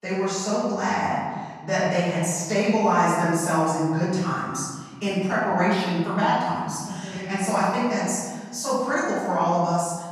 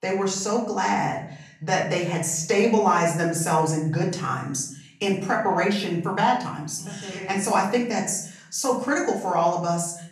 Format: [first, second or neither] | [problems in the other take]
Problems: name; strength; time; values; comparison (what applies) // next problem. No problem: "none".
second | room echo; strong; dies away in 1.5 s; slight in the second // off-mic speech; far; far in the second